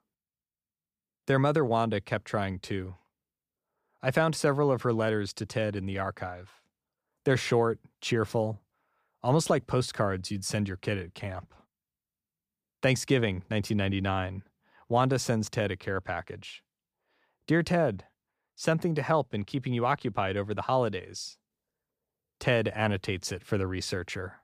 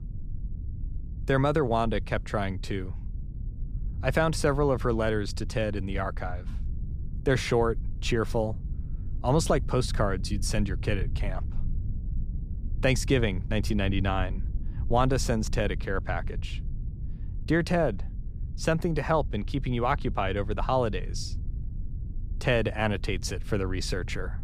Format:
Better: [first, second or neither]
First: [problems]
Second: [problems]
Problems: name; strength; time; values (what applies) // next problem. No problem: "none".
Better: first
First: none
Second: low rumble; faint; throughout; 20 dB below the speech